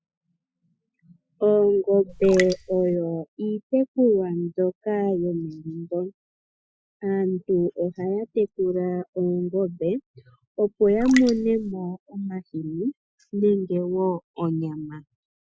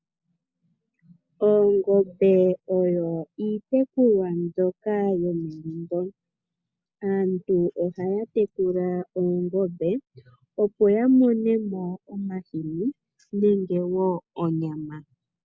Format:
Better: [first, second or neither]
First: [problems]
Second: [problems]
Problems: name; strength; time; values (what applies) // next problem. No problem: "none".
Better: second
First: noise reduction (classical method Wiener filter)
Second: none